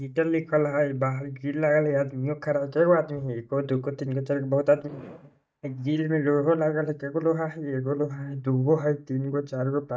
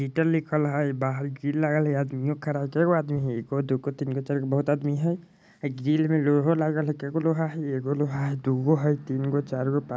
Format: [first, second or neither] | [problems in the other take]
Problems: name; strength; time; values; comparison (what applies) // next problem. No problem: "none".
second | noise reduction (neural mask model DeepFilterNet 3)